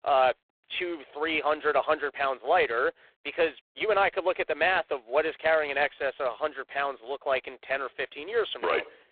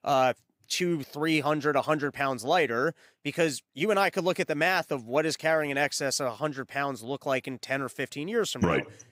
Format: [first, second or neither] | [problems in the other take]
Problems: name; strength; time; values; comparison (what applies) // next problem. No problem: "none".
second | phone-call audio; poor line; nothing above 3.5 kHz